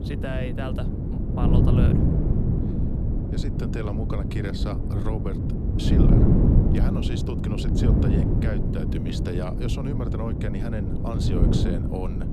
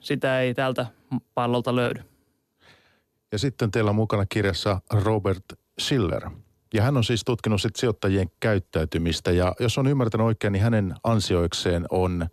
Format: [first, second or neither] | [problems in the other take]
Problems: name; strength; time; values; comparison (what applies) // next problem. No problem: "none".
second | wind noise on the microphone; heavy; 3 dB above the speech